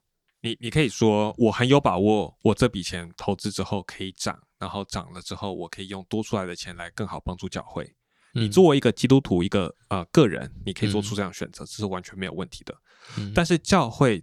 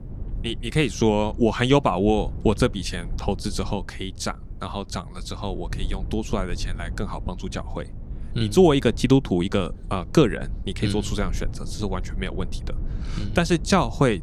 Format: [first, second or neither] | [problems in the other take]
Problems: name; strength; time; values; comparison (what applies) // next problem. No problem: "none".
first | low rumble; faint; throughout; 20 dB below the speech